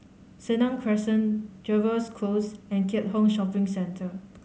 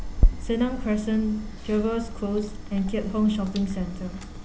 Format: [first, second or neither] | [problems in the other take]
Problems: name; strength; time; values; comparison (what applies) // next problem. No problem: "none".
first | background sound (Chewing, mastication); 1 dB below the speech